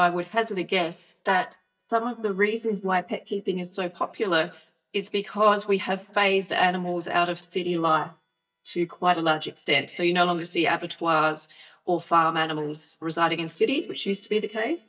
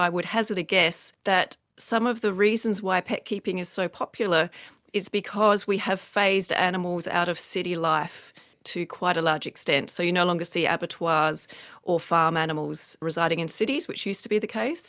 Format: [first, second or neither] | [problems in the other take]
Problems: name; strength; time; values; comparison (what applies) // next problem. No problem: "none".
second | noise reduction (neural mask model DeepFilterNet 3)